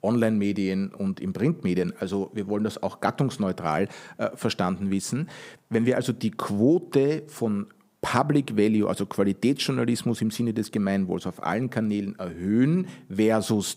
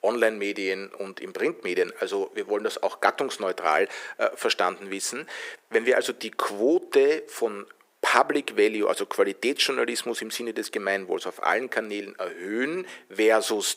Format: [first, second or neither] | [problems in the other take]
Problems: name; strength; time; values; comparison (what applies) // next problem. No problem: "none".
first | thin; very; fading below 400 Hz